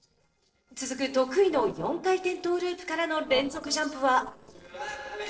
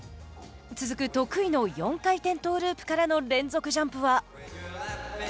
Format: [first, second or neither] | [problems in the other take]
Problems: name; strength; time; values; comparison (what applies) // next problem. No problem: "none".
second | noise reduction (neural separator model SepFormer DNS4)